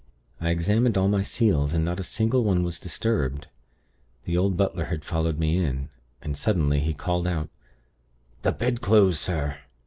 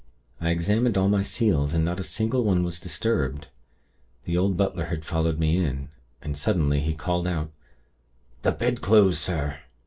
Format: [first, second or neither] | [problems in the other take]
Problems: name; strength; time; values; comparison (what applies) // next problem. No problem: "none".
first | room echo; dies away in 0.2 s